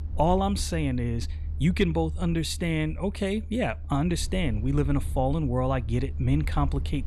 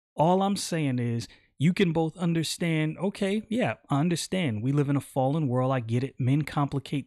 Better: second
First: low rumble; faint; throughout; 20 dB below the speech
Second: none

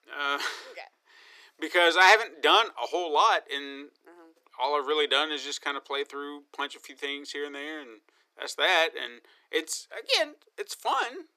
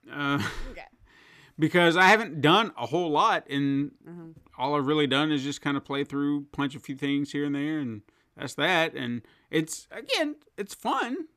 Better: second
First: thin; very; fading below 400 Hz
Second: none

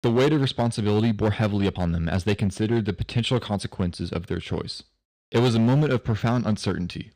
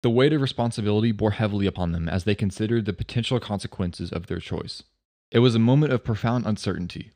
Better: second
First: distortion; slight; 7% of the sound clipped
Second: none

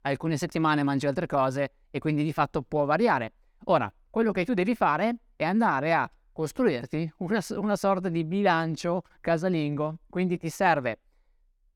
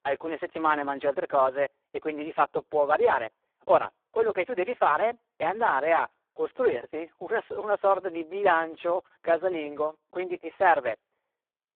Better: first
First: none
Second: phone-call audio; poor line

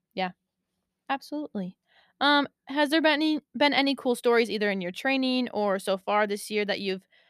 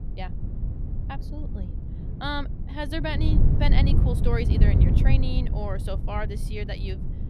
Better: first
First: none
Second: wind noise on the microphone; heavy; 5 dB below the speech

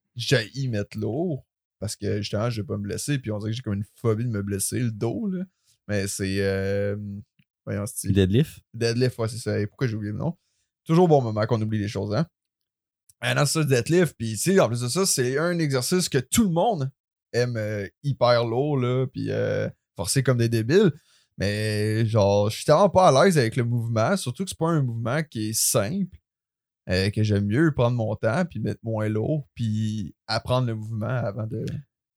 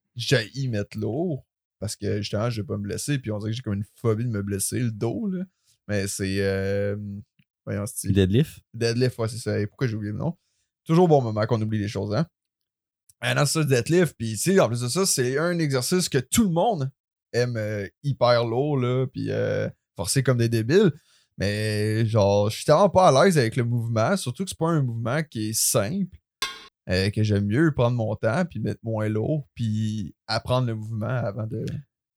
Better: first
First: none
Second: clattering dishes; noticeable; at 26 s; peak 7 dB below the speech

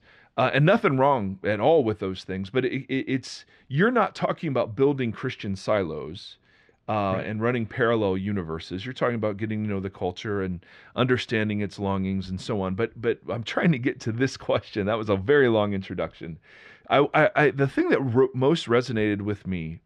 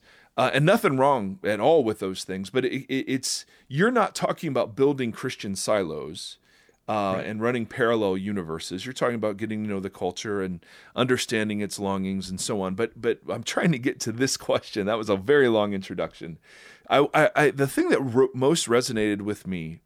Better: second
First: muffled; slightly; fading above 3 kHz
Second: none

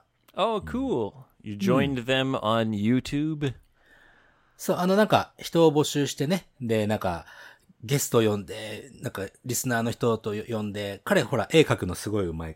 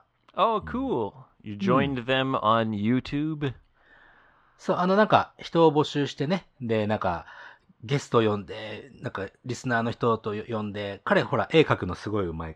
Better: first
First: none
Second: muffled; slightly; fading above 4.5 kHz

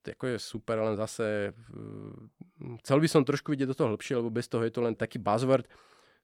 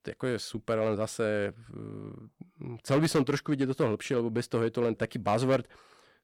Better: first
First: none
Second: distortion; slight; 3% of the sound clipped

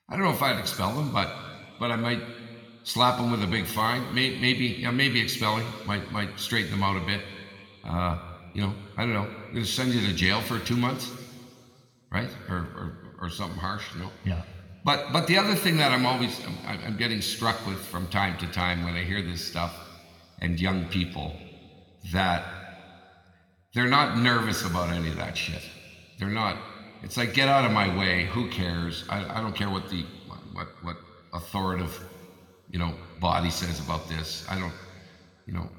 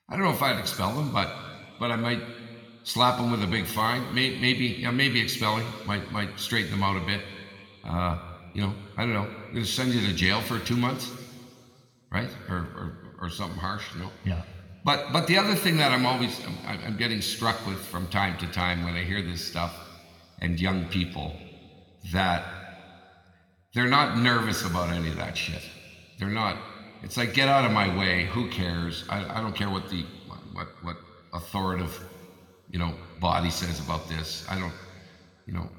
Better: neither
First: room echo; slight; dies away in 2 s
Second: room echo; slight; dies away in 2 s

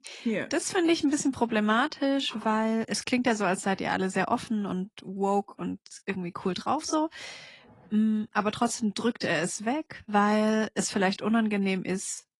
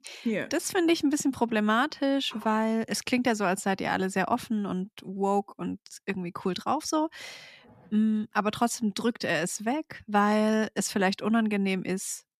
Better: second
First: garbled, watery; slightly; nothing above 10.5 kHz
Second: none

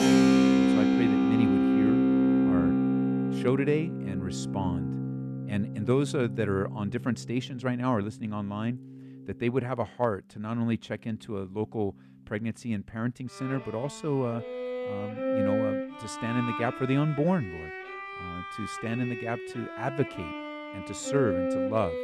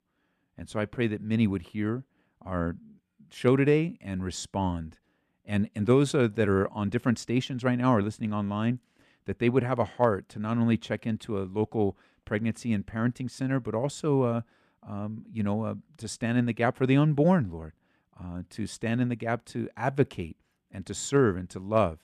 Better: second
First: background music; very loud; throughout; 3 dB above the speech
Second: none

